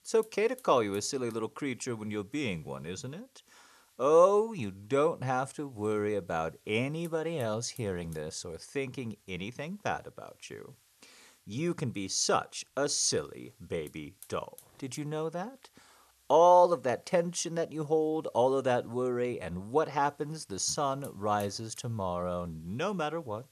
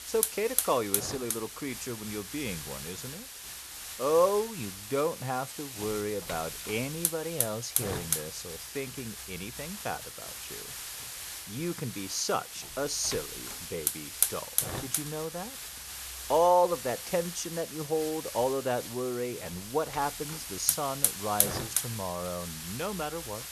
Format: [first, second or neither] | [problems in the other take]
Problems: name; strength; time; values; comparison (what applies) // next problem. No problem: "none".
first | hiss; loud; throughout; 2 dB below the speech; faint in the first